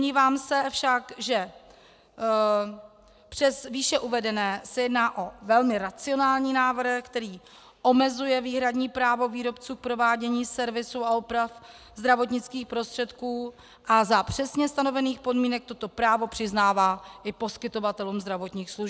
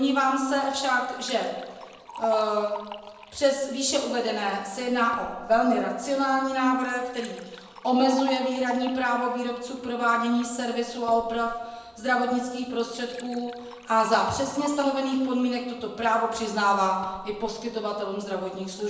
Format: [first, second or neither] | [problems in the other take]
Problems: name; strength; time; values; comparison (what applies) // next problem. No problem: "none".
first | background sound (Liquid); 18 dB below the speech // room echo; dies away in 1 s